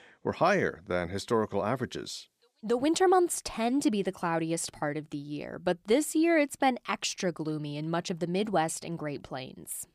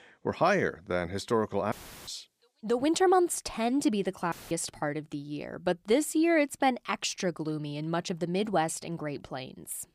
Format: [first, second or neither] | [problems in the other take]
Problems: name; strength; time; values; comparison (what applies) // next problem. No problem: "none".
first | audio cutting out; filled with static; at 1.5 s and at 4.5 s